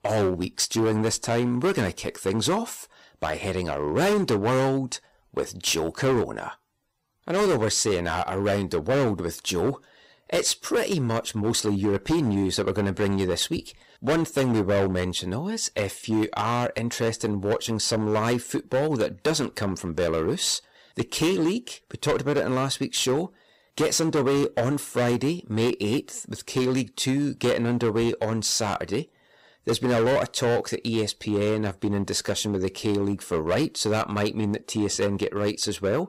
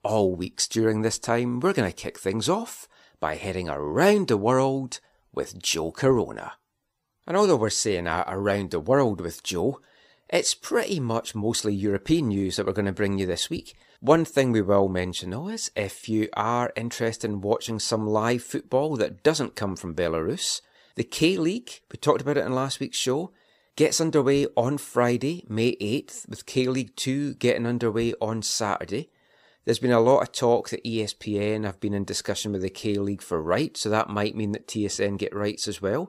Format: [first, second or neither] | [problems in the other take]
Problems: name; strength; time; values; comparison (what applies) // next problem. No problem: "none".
second | distortion; heavy; 11% of the sound clipped